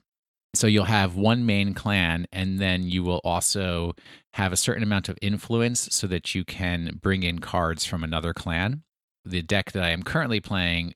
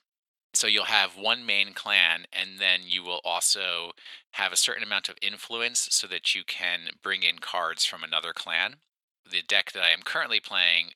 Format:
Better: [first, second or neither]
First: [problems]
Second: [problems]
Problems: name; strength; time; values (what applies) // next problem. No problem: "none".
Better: first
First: none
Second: thin; very; fading below 750 Hz